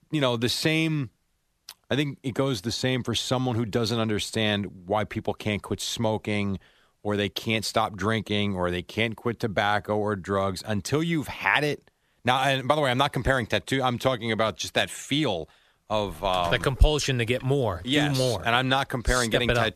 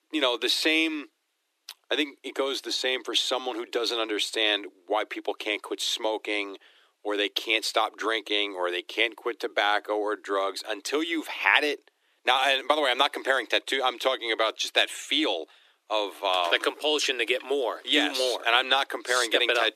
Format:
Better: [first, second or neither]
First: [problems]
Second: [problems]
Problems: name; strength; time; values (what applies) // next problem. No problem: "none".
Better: first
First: none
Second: thin; somewhat; fading below 300 Hz